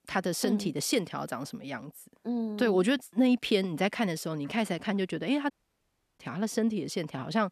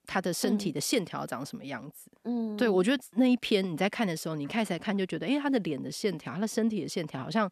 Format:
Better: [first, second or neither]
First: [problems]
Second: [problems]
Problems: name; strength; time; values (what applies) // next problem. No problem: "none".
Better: second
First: audio cutting out; at 5.5 s for 0.5 s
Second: none